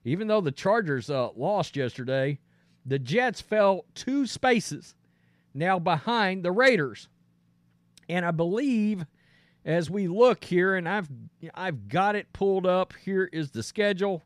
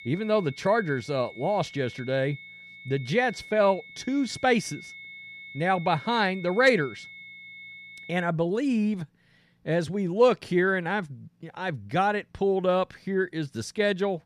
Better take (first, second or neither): first